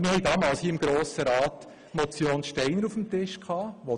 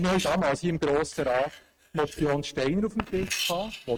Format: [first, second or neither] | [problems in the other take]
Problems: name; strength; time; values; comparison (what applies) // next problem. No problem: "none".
first | noise reduction (neural mask model RNNoise)